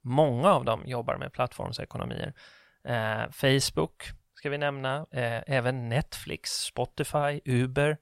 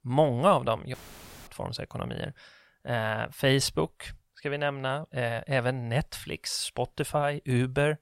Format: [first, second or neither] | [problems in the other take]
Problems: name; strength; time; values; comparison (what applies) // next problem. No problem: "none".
first | audio cutting out; filled with static; at 1 s for 0.5 s